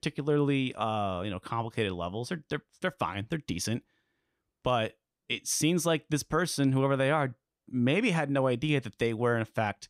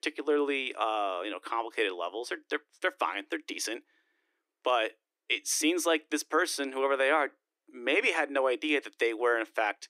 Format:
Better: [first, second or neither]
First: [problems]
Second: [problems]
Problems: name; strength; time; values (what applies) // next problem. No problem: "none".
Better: first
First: none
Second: thin; somewhat; fading below 300 Hz